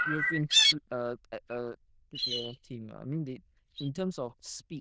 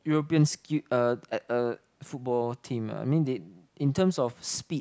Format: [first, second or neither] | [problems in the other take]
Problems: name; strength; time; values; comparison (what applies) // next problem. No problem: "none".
second | noise reduction (neural diffusion model UNIVERSE++)